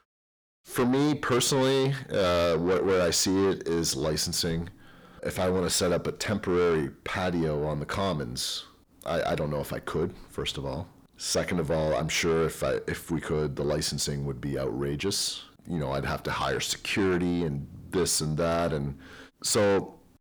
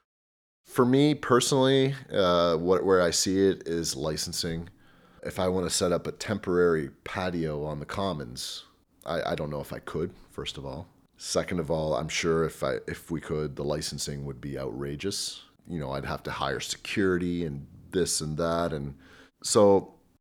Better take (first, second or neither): second